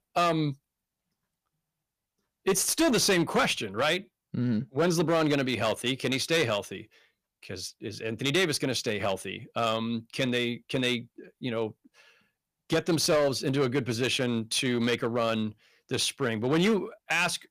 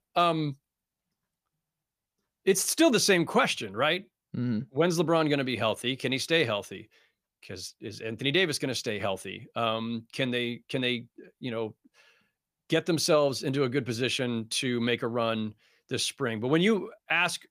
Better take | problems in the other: second | distortion; slight; 6% of the sound clipped

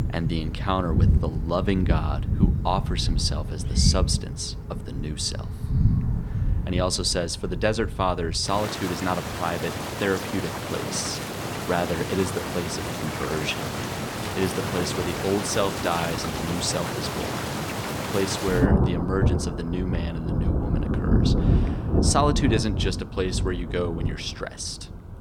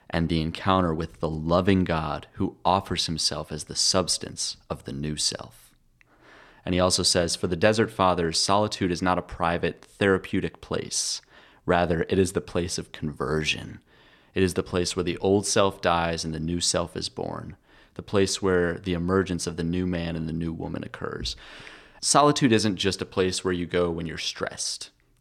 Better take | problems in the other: second | rain or running water; very loud; throughout; 1 dB above the speech

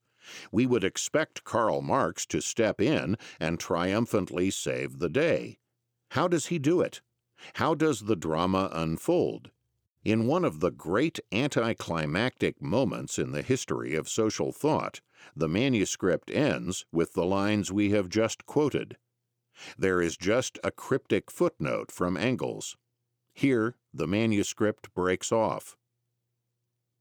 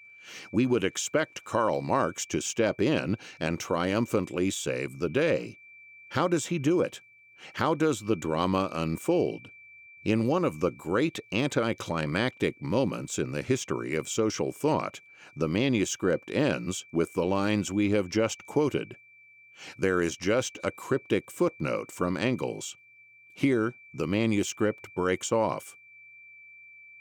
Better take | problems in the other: first | high-pitched whine; faint; throughout; 2.5 kHz, 25 dB below the speech

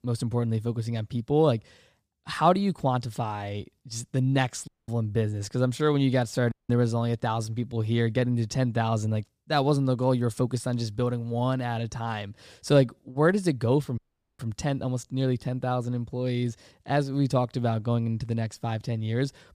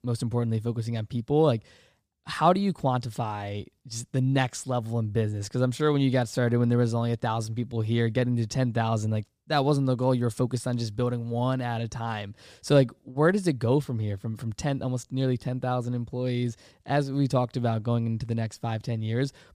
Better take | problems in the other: second | audio cutting out; at 4.5 s, at 6.5 s and at 14 s

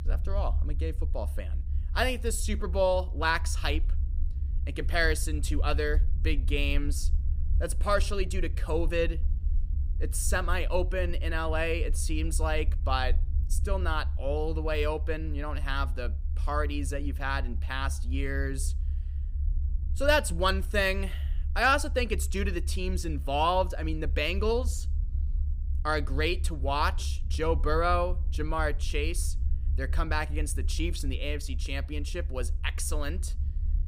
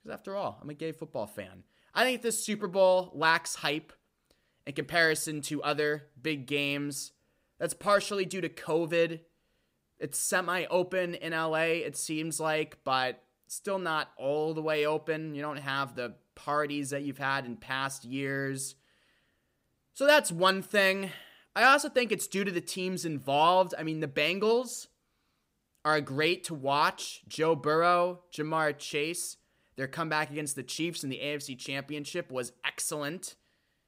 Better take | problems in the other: second | low rumble; faint; throughout; 20 dB below the speech

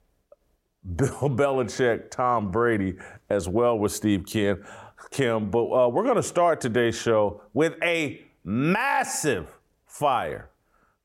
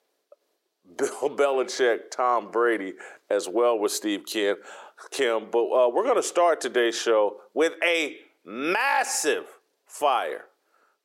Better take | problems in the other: first | thin; somewhat; fading below 350 Hz

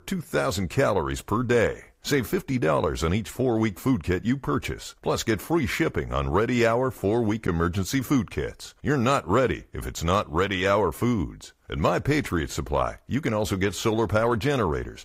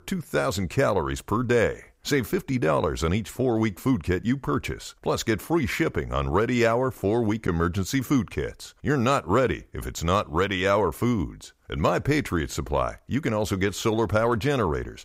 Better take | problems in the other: second | garbled, watery; slightly; nothing above 15.5 kHz

